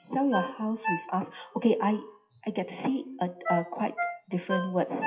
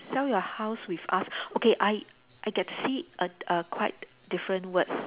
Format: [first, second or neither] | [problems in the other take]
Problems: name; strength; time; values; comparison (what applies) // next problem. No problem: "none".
second | noise reduction (classical method WPE with log-MMSE)